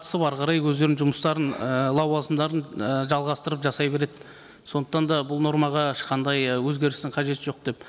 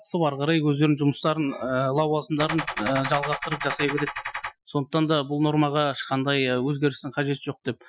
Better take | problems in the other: first | noise reduction (classical method Wiener filter)

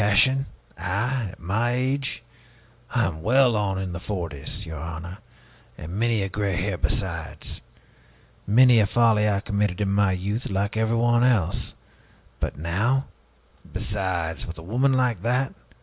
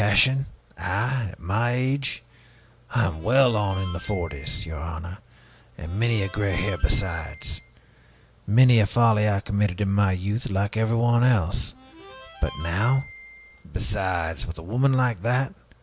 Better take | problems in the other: first | background sound (Harmonica); 19 dB below the speech

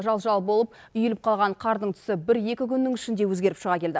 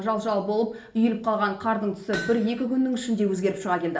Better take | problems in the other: first | background sound (Hammer); 15 dB below the speech // room echo; dies away in 0.5 s

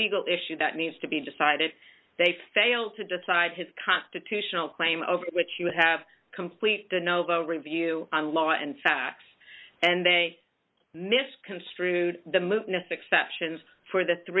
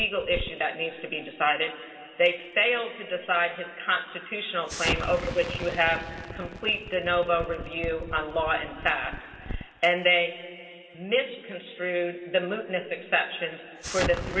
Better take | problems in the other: first | background sound (Explosion); 11 dB below the speech // room echo; dies away in 2.3 s

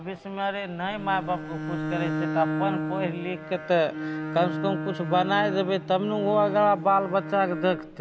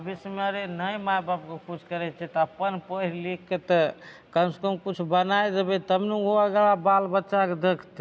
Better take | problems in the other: second | background sound (Bowed string instrument); 6 dB below the speech

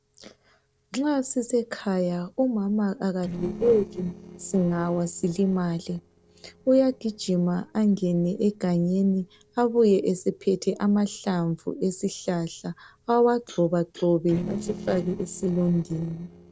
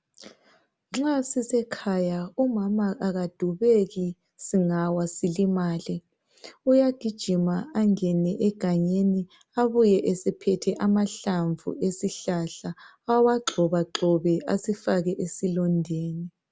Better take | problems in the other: second | noise reduction (neural separator model SepFormer DNS4)

